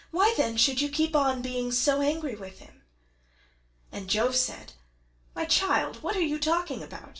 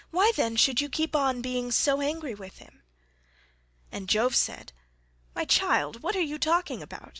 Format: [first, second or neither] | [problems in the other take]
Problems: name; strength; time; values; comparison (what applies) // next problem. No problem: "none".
second | room echo; dies away in 0.3 s